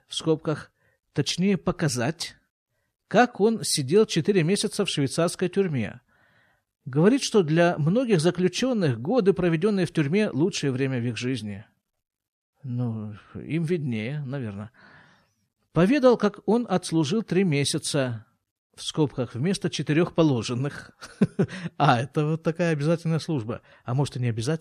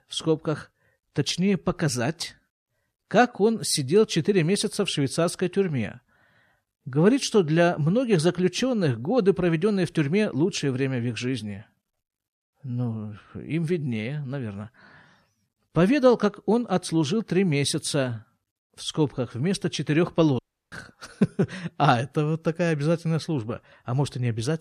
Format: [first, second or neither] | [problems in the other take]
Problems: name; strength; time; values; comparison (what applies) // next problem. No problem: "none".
first | audio cutting out; at 20 s